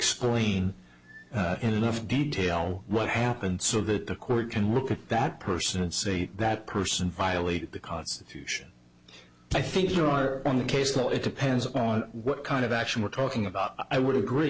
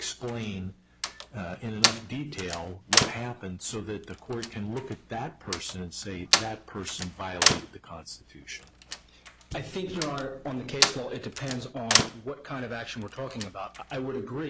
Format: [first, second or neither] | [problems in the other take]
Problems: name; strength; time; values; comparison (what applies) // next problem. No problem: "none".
first | background sound (Slam); 4 dB above the speech